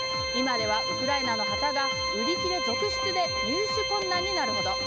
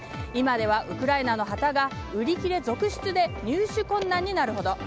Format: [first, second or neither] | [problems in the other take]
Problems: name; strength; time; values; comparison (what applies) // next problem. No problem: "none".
second | background sound (Organ); 2 dB above the speech